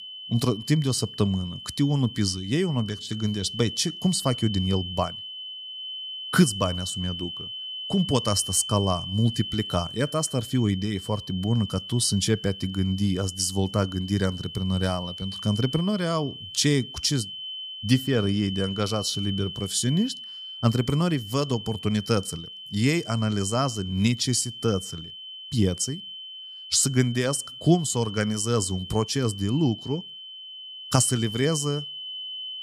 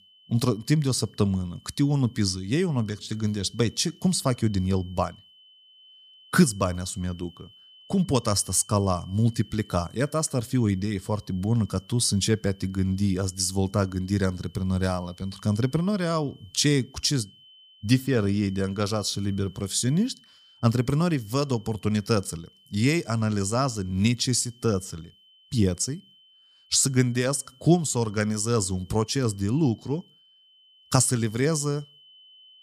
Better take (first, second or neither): second